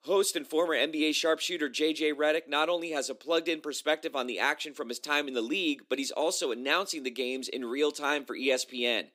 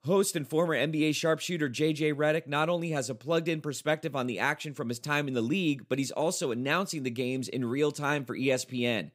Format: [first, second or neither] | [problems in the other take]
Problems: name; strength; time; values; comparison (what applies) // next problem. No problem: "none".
second | thin; very slightly; fading below 300 Hz